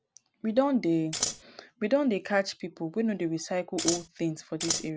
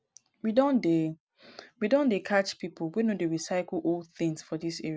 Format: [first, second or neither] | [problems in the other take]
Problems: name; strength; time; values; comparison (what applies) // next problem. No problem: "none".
second | background sound (Scissors); 2 dB below the speech